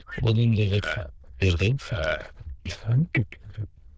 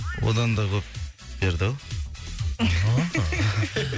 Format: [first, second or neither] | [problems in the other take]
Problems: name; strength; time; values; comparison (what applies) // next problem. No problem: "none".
second | noise reduction (neural diffusion model UNIVERSE++)